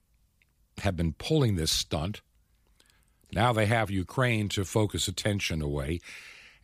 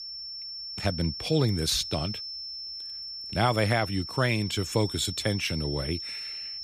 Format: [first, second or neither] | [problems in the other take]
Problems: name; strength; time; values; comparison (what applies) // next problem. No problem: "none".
first | high-pitched whine; loud; throughout; 5.5 kHz, 7 dB below the speech